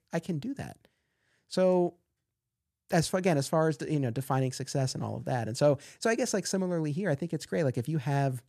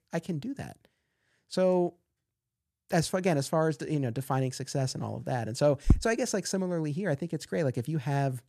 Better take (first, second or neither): first